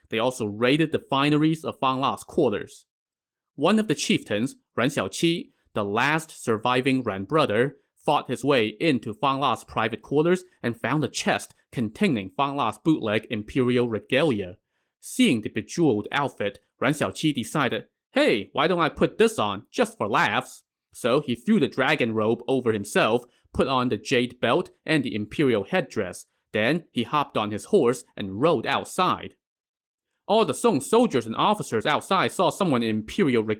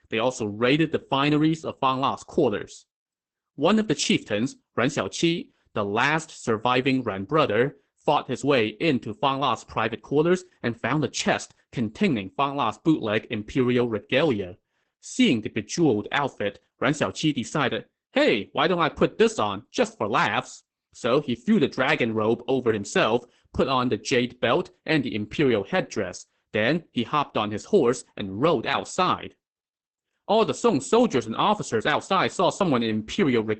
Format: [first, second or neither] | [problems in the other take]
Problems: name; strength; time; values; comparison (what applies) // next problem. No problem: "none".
first | garbled, watery; badly; nothing above 8 kHz; slightly in the first